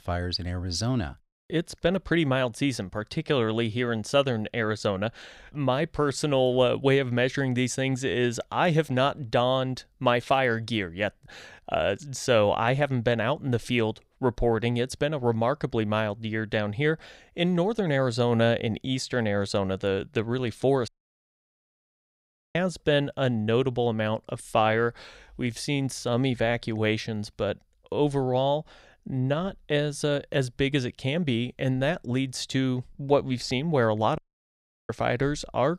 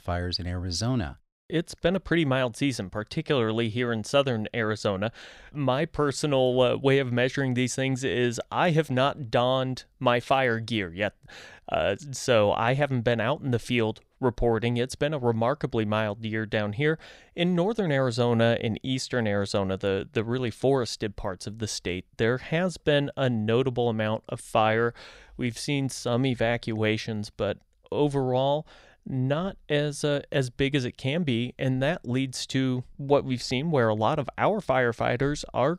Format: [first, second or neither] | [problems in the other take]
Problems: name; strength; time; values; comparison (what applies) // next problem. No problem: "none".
second | audio cutting out; at 21 s for 1.5 s and at 34 s for 0.5 s